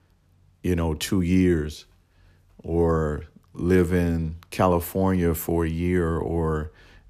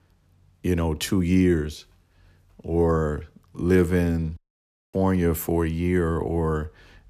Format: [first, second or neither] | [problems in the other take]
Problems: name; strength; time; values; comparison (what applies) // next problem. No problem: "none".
first | audio cutting out; at 4.5 s for 0.5 s